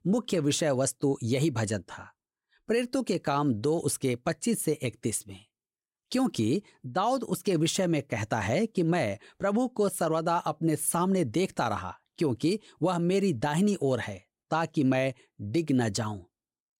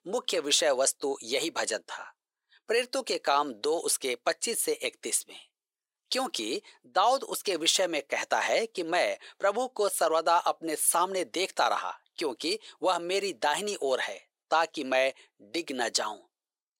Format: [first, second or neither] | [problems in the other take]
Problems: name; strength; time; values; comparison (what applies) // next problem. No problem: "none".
first | thin; very; fading below 500 Hz